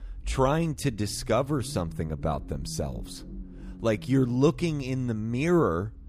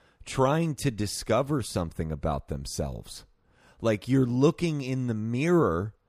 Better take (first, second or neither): second